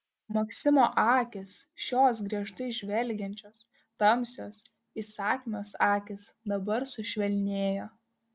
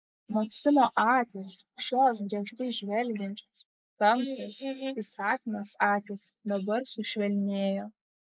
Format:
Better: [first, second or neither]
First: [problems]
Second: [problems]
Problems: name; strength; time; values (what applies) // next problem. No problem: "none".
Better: first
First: none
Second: noise reduction (neural mask model Resemble Enhance denoiser)